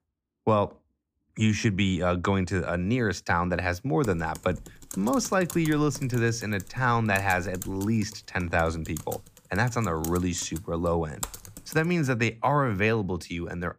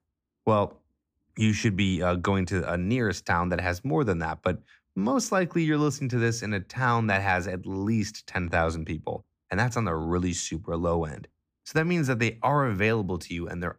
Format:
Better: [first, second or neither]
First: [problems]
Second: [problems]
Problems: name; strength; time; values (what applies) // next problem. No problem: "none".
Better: second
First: keyboard typing; noticeable; from 4 to 12 s; peak 9 dB below the speech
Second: none